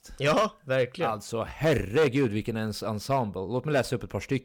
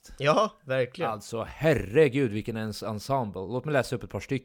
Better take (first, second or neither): second